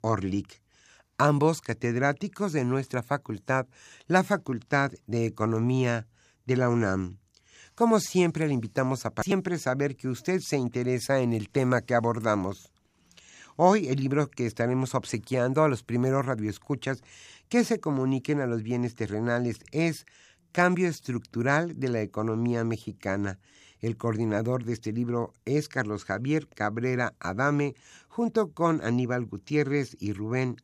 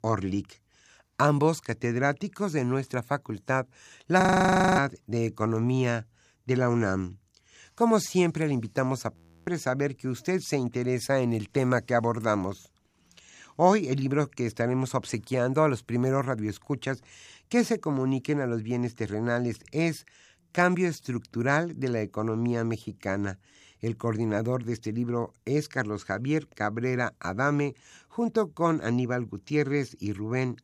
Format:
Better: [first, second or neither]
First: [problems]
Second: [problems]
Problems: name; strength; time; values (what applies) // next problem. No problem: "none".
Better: first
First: none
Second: audio freezing; at 4 s for 0.5 s and at 9 s